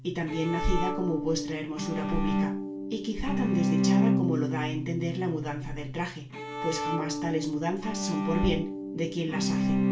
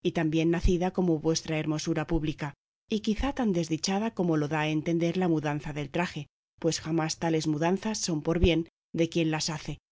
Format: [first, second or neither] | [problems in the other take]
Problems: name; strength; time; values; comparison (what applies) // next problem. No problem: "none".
second | background sound (Bowed string instrument); 1 dB above the speech // room echo; dies away in 0.3 s